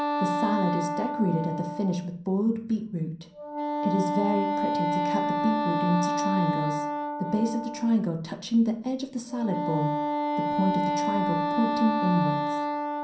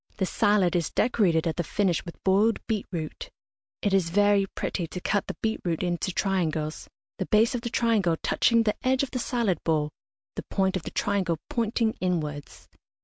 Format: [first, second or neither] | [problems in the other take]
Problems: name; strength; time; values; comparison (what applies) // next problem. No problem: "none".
second | background sound (Wind instrument, woodwind instrument); 1 dB below the speech // room echo; dies away in 0.6 s